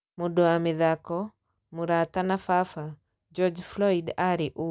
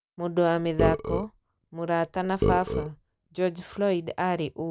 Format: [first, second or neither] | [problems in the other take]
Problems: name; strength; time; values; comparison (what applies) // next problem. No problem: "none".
first | background sound (Burping, eructation); 3 dB below the speech